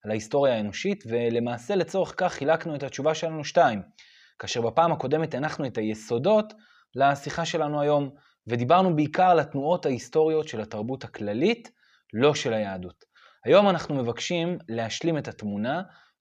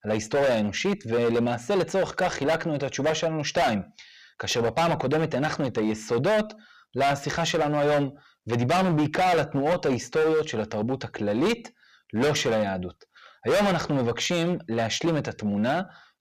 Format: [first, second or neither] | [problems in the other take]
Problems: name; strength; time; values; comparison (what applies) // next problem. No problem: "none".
first | distortion; heavy; 15% of the sound clipped